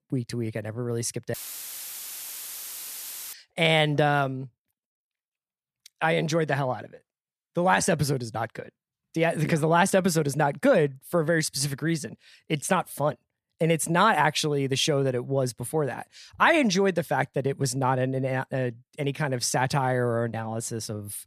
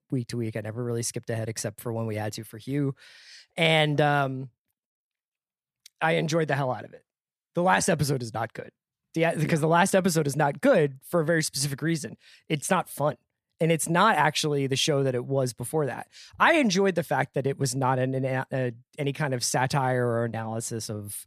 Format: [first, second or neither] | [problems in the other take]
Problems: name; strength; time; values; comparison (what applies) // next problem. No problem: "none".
second | audio cutting out; filled with static; at 1.5 s for 2 s